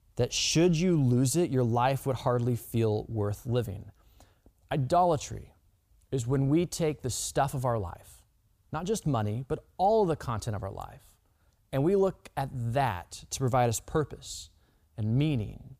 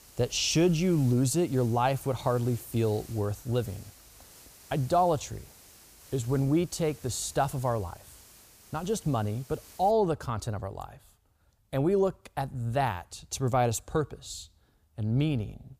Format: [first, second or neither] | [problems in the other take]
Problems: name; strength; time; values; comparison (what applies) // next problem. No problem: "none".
first | hiss; faint; until 10 s; 20 dB below the speech